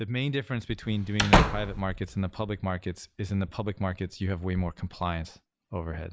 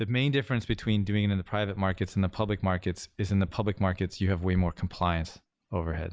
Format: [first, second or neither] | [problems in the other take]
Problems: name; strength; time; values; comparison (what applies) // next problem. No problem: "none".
second | background sound (Slam / Wood); 3 dB above the speech